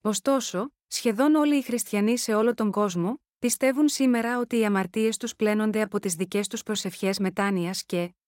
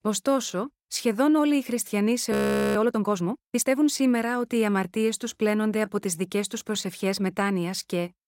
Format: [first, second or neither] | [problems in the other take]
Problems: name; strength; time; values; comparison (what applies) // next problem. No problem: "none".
first | audio freezing; at 2.5 s